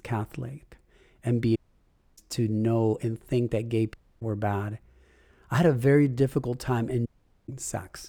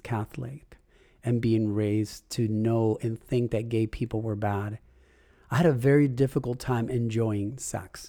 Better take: second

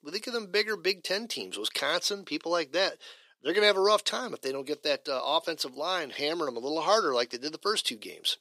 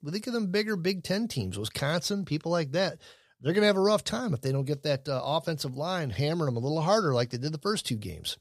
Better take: second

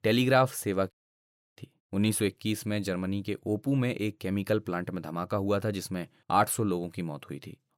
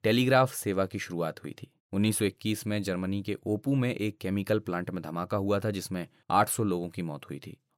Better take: second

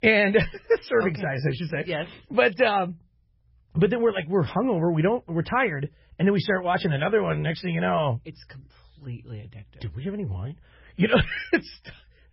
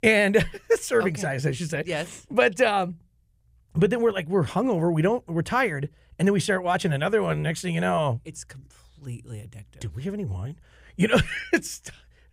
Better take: second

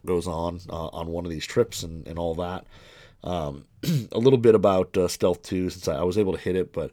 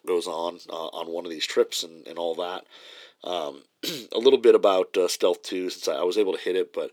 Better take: first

